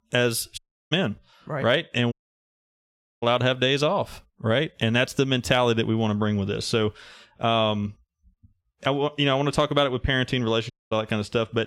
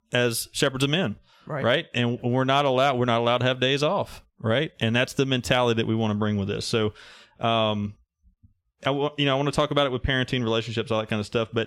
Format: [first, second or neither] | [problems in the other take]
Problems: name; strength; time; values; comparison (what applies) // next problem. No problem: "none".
second | audio cutting out; at 0.5 s, at 2 s for 1 s and at 11 s